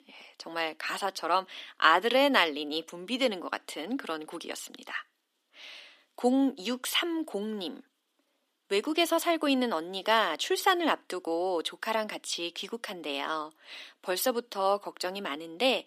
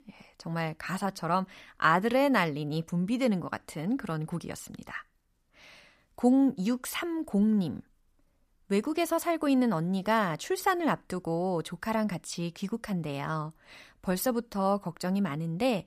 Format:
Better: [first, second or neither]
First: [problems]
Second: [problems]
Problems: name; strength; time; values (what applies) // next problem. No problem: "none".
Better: second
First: thin; somewhat; fading below 300 Hz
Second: none